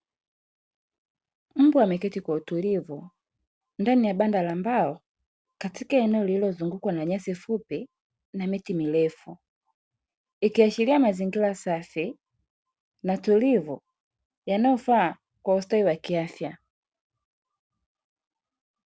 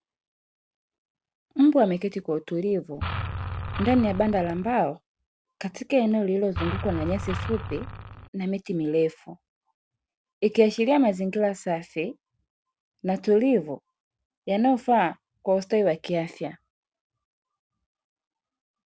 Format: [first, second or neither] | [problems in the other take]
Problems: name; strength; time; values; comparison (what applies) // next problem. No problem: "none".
first | background sound (Engine); 6 dB below the speech